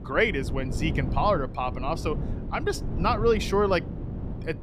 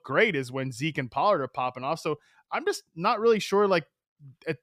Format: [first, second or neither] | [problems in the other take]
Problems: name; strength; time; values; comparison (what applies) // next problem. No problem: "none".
second | wind noise on the microphone; occasional gusts; 15 dB below the speech